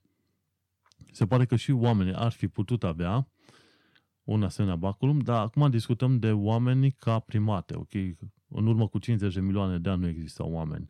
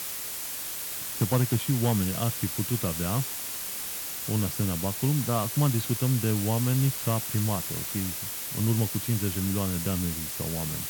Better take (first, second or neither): first